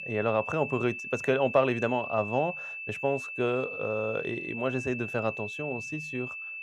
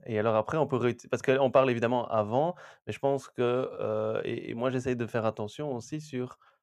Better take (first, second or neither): second